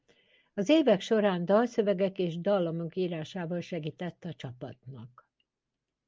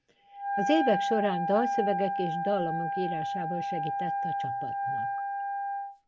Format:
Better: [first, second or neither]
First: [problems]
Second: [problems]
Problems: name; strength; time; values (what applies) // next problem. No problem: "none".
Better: first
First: none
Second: background sound (Wind instrument, woodwind instrument); 1 dB above the speech